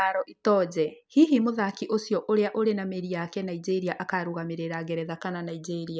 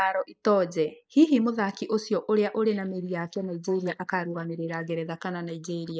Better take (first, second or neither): first